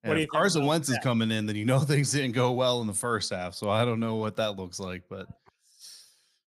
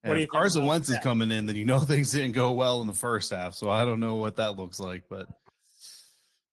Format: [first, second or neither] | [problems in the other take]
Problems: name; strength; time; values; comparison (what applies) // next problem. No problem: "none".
first | garbled, watery; slightly